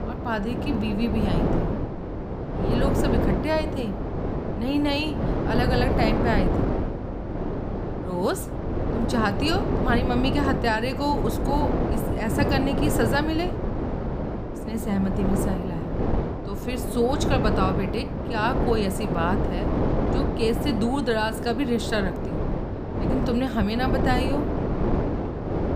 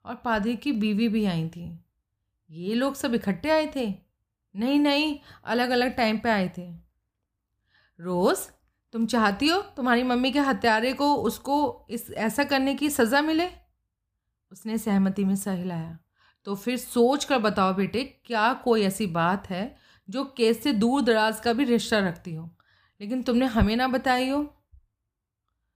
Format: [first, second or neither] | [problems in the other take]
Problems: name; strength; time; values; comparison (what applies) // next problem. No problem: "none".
second | wind noise on the microphone; heavy; 3 dB below the speech